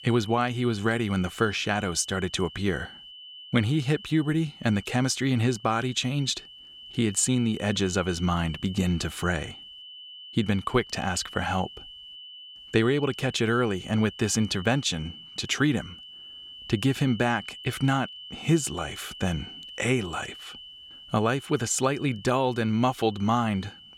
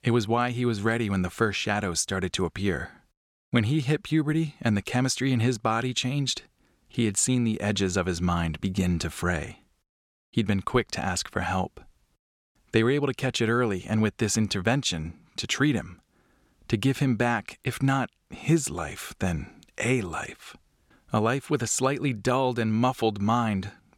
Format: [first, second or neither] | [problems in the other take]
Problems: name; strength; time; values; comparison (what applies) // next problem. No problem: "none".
second | high-pitched whine; noticeable; throughout; 3 kHz, 15 dB below the speech